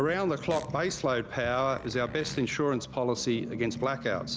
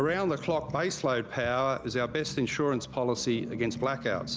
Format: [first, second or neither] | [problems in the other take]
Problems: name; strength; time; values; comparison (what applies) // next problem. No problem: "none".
second | background sound (Fart); 17 dB below the speech